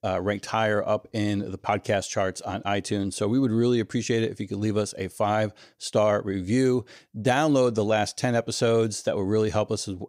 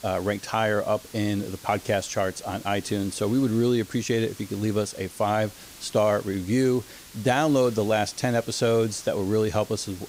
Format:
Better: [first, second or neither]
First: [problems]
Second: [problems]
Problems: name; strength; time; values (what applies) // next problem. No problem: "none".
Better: first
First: none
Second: hiss; noticeable; throughout; 20 dB below the speech